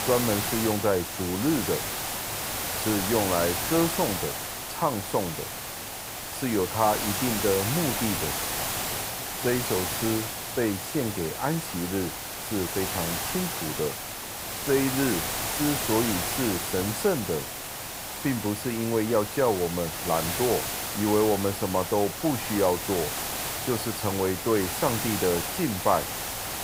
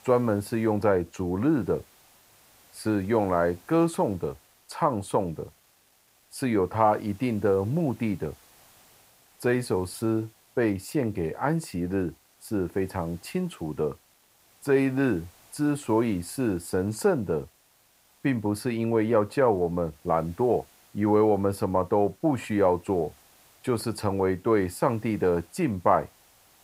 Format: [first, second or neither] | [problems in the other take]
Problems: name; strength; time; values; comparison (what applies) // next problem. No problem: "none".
second | hiss; loud; throughout; 2 dB below the speech; faint in the second